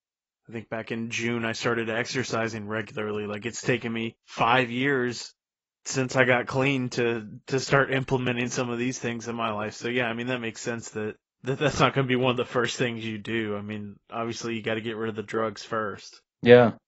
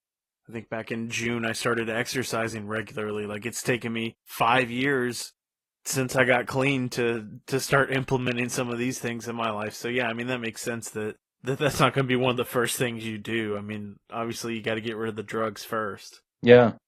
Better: second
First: garbled, watery; badly; nothing above 7.5 kHz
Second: garbled, watery; slightly

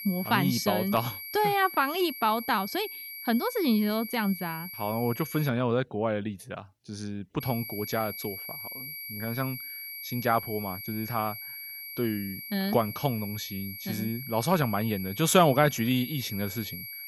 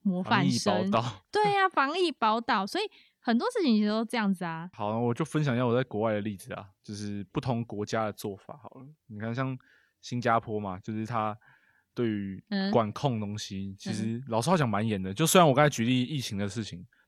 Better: second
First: high-pitched whine; loud; until 5.5 s and from 7.5 s on; 2.5 kHz, 9 dB below the speech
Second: none

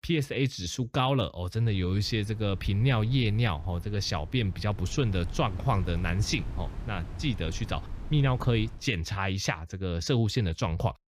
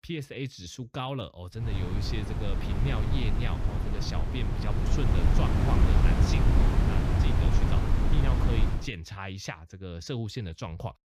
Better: first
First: wind noise on the microphone; occasional gusts; from 1.5 to 9 s; 20 dB below the speech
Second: wind noise on the microphone; heavy; from 1.5 to 9 s; 2 dB above the speech

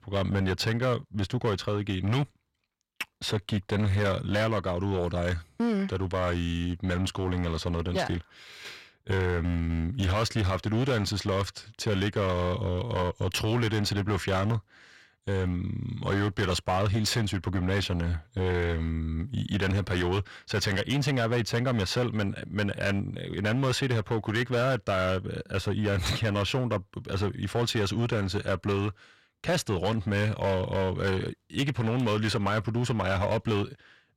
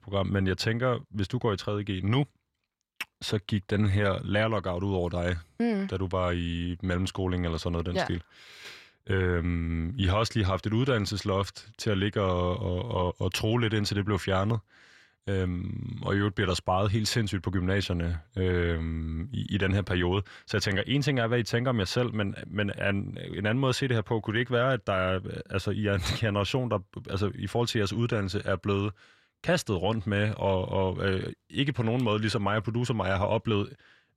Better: second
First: distortion; slight; 11% of the sound clipped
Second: none

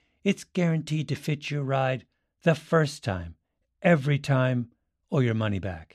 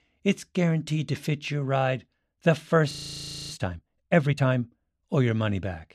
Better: first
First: none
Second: audio freezing; at 3 s for 0.5 s

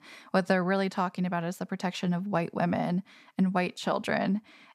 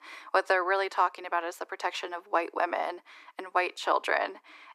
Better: first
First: none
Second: thin; very; fading below 300 Hz

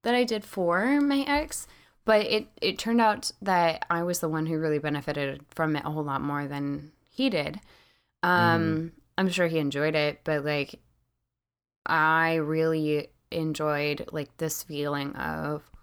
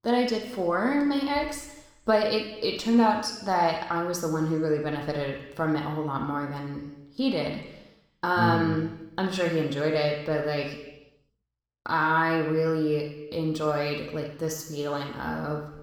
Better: first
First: none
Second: room echo; noticeable; dies away in 0.9 s // off-mic speech; somewhat distant

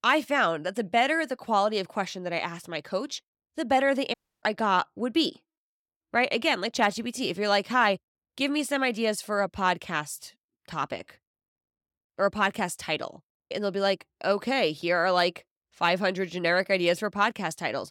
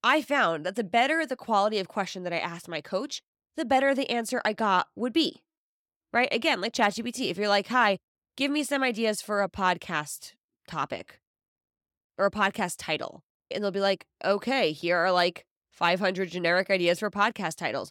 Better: second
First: audio cutting out; at 4 s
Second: none

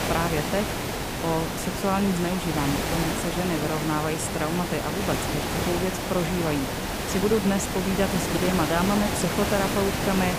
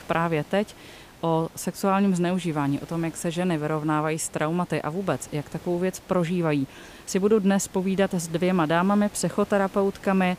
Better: second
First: hiss; loud; throughout; 1 dB below the speech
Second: hiss; faint; throughout; 20 dB below the speech

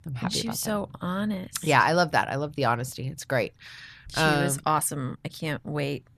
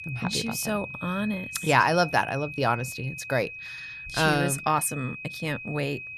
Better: first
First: none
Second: high-pitched whine; noticeable; throughout; 2.5 kHz, 10 dB below the speech

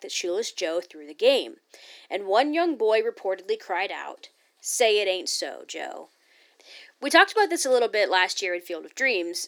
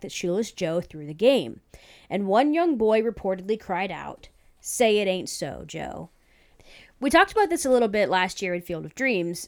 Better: second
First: thin; somewhat; fading below 300 Hz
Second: none

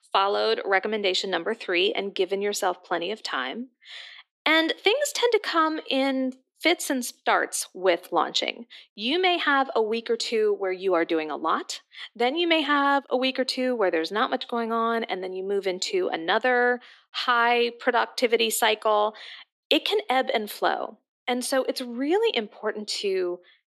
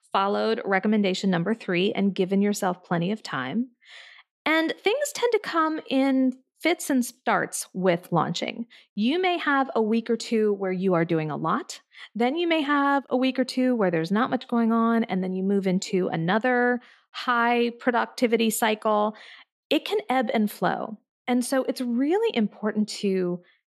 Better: second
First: thin; somewhat; fading below 300 Hz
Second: none

